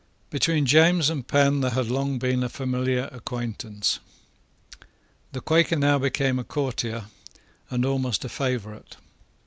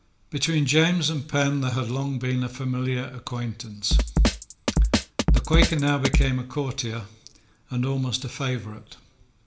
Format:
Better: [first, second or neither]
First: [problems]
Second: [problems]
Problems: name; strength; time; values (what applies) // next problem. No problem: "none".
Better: first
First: none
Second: background sound (Drum kit); 1 dB below the speech // room echo; dies away in 0.5 s